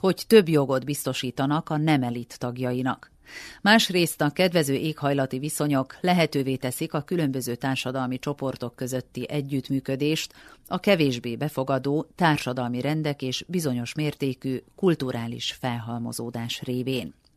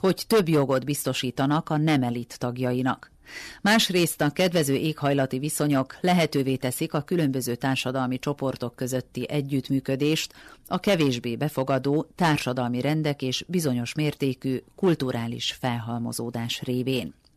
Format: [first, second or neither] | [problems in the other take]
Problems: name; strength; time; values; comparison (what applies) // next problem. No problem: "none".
first | distortion; slight; 3% of the sound clipped